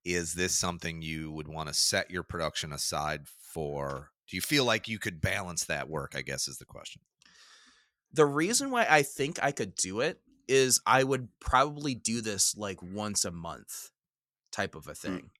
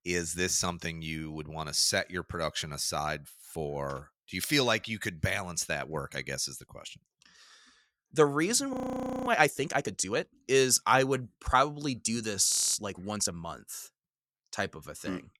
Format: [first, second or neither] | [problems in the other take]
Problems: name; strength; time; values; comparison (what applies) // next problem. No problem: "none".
first | audio freezing; at 8.5 s for 0.5 s and at 12 s